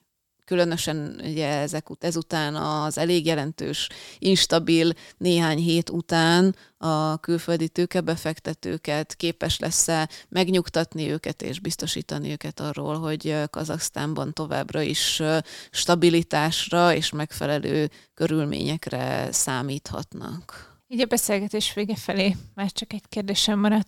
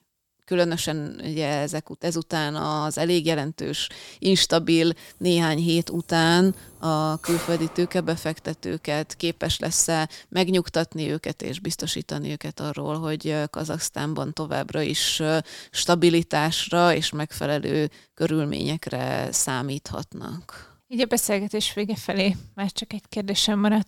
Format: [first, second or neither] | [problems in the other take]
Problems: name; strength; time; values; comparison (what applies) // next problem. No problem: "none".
first | jangling keys; noticeable; from 6 to 8 s; peak 7 dB below the speech